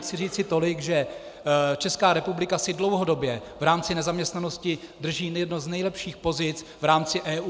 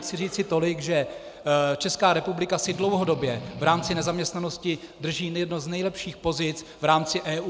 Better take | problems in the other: first | background sound (Strum); 12 dB below the speech

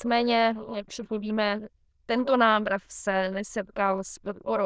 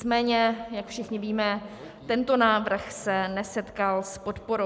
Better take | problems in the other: second | noise reduction (neural diffusion model UNIVERSE++)

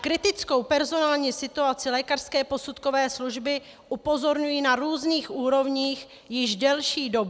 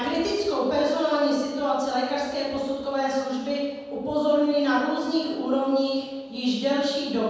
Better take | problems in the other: first | room echo; dies away in 1.2 s

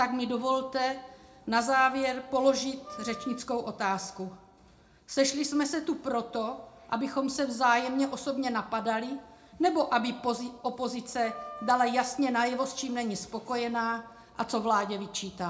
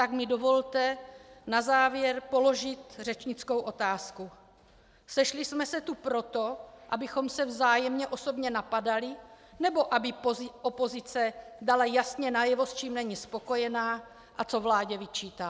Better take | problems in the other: second | background sound (Wind instrument, woodwind instrument); 17 dB below the speech // room echo; dies away in 0.3 s

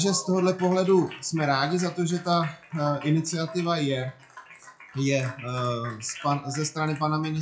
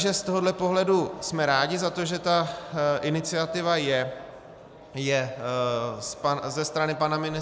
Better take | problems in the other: second | noise reduction (classical method WPE with log-MMSE)

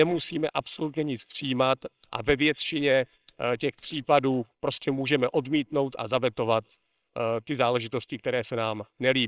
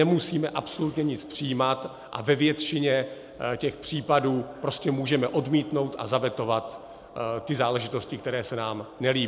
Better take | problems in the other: second | noise reduction (neural separator model SepFormer WHAMR!)

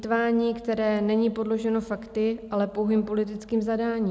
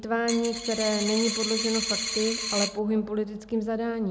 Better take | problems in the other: first | background sound (Coin (dropping)); 3 dB below the speech

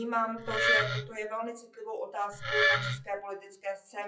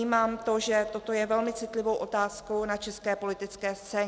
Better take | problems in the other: second | noise reduction (classical method WPE with log-MMSE)

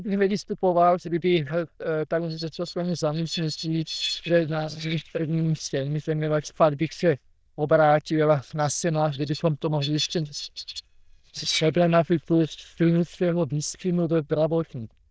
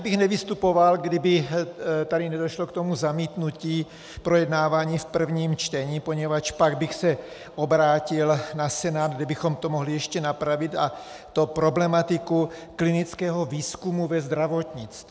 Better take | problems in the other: second | noise reduction (neural diffusion model UNIVERSE++)

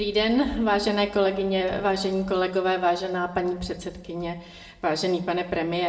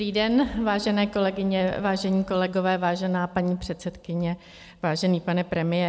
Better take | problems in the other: second | room echo; dies away in 0.6 s

